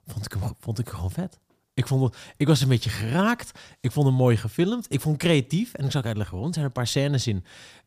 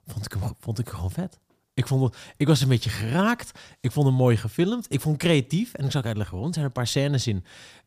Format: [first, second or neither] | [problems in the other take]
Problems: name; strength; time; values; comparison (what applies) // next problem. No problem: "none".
neither | none